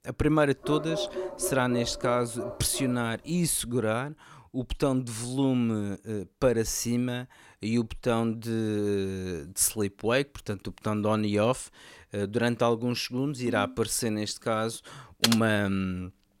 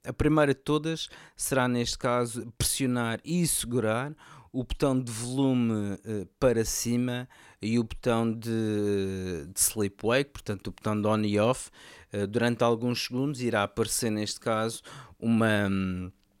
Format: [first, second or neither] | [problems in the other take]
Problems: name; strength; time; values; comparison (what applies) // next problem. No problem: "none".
second | dog barking; noticeable; from 0.5 to 3 s; peak 5 dB below the speech // phone ringing; noticeable; at 13 s; peak 9 dB below the speech // keyboard typing; loud; at 15 s; peak 2 dB above the speech